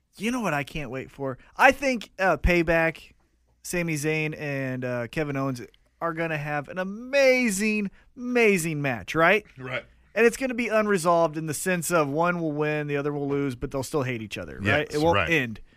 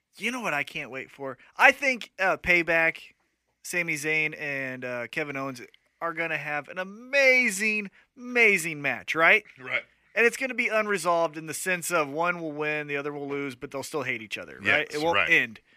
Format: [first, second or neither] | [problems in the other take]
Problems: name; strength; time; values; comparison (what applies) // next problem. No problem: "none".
first | thin; very slightly; fading below 750 Hz